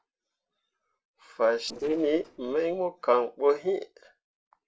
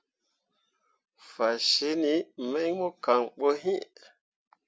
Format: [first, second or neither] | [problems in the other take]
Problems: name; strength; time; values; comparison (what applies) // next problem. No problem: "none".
second | noise reduction (neural separator model SepFormer DNS4)